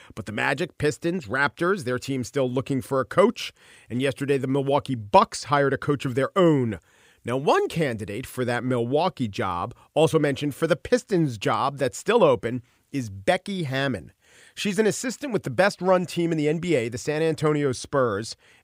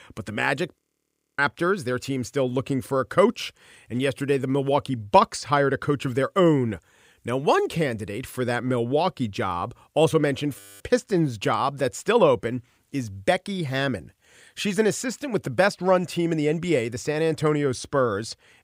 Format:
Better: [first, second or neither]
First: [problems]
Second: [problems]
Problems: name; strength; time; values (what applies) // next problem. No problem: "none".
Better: first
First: none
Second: audio freezing; at 1 s for 0.5 s and at 11 s